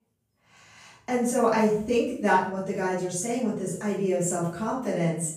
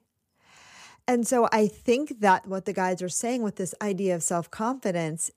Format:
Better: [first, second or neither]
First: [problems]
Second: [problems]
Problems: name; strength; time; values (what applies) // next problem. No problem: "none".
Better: second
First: off-mic speech; far // room echo; noticeable; dies away in 0.6 s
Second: none